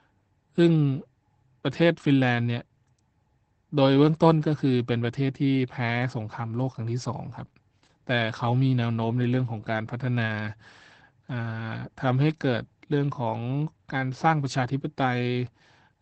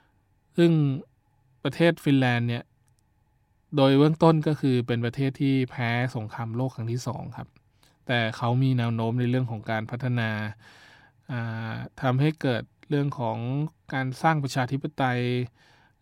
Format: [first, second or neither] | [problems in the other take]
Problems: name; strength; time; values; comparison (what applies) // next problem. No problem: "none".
second | garbled, watery; badly; nothing above 8 kHz